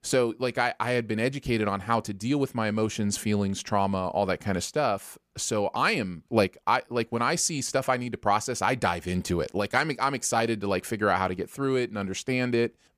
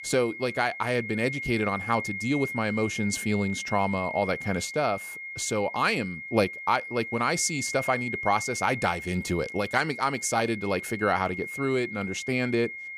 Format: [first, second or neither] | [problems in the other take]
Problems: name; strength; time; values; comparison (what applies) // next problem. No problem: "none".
first | high-pitched whine; loud; throughout; 2 kHz, 7 dB below the speech